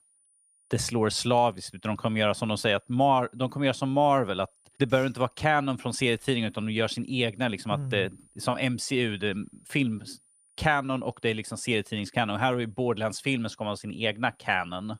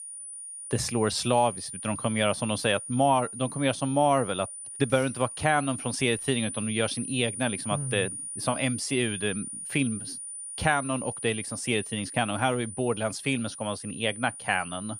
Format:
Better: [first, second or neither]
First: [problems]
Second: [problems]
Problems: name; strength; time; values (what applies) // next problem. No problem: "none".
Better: first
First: high-pitched whine; faint; throughout; 9.5 kHz, 35 dB below the speech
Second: high-pitched whine; loud; throughout; 9.5 kHz, 8 dB below the speech